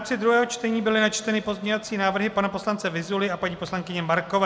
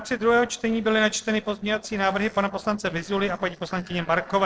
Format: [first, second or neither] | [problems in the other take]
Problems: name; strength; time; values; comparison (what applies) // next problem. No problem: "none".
first | noise reduction (neural separator model SepFormer DNS4)